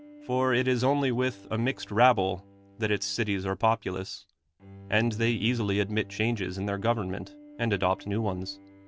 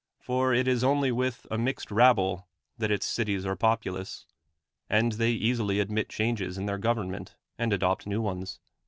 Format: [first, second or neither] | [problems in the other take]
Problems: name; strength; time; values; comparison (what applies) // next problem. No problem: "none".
second | background sound (Bowed string instrument); 20 dB below the speech